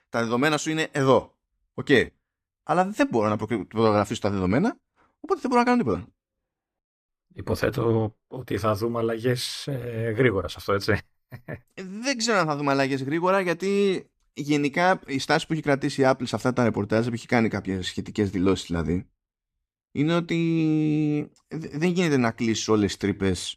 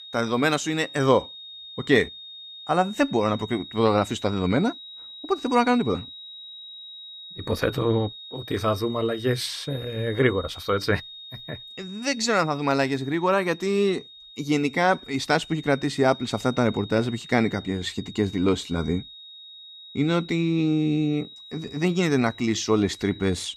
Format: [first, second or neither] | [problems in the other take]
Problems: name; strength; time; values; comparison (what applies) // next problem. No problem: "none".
first | high-pitched whine; noticeable; throughout; 3.5 kHz, 15 dB below the speech